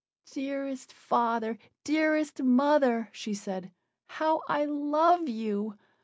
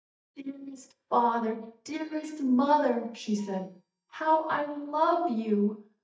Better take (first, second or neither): first